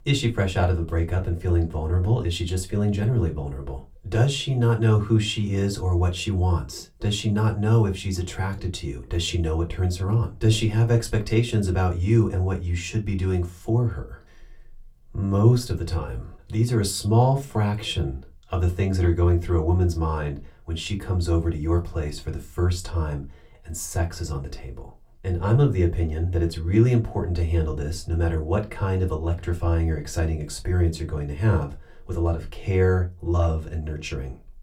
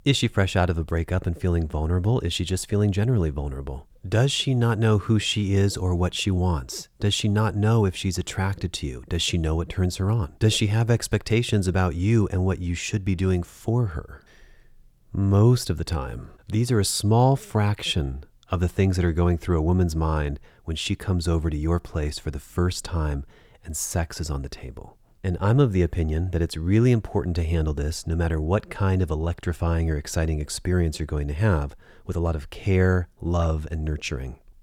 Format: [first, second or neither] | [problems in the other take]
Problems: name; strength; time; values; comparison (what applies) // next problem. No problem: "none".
second | off-mic speech; somewhat distant // room echo; very slight; dies away in 0.2 s